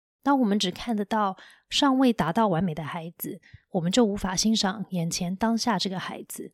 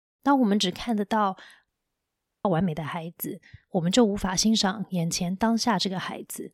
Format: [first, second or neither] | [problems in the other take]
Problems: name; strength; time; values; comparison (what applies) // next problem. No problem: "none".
first | audio cutting out; at 1.5 s for 1 s